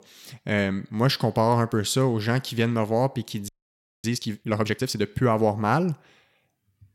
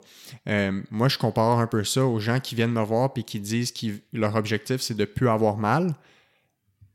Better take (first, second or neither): second